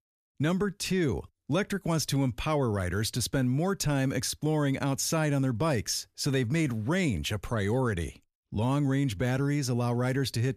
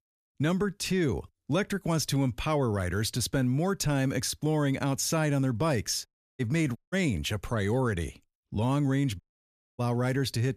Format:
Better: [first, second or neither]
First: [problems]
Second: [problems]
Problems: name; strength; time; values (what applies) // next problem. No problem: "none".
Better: first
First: none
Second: audio cutting out; at 6 s, at 7 s and at 9 s for 0.5 s